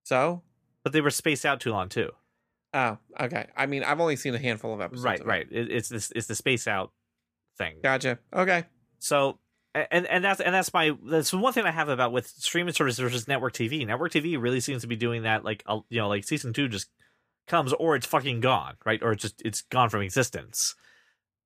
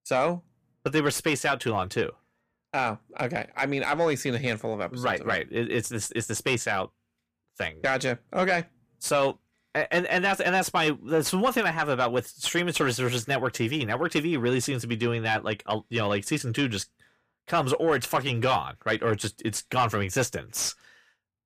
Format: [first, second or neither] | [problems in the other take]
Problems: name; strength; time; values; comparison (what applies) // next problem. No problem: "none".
first | distortion; slight; 10 dB below the speech